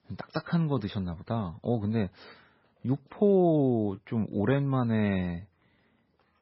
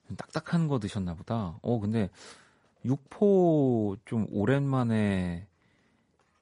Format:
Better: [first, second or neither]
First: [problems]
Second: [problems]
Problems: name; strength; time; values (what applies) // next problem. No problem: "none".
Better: second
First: garbled, watery; badly; nothing above 5.5 kHz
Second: garbled, watery; slightly; nothing above 10.5 kHz